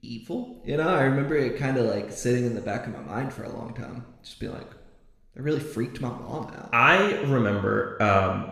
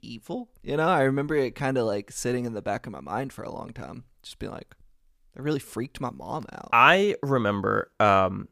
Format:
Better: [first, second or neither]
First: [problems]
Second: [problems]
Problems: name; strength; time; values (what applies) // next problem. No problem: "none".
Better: second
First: room echo; noticeable; dies away in 1 s // off-mic speech; somewhat distant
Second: none